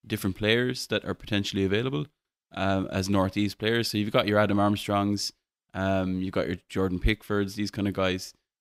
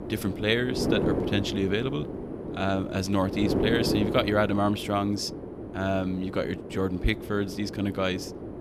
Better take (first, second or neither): first